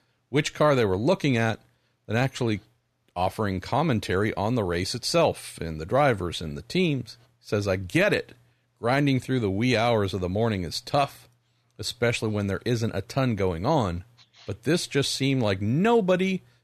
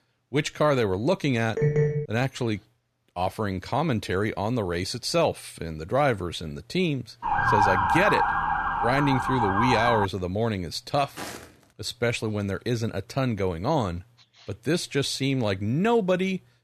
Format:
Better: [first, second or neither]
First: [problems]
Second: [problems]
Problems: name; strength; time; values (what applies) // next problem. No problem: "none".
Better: first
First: none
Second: phone ringing; loud; at 1.5 s; peak 3 dB above the speech // siren; loud; from 7 to 10 s; peak 5 dB above the speech // footsteps; faint; at 11 s; peak 10 dB below the speech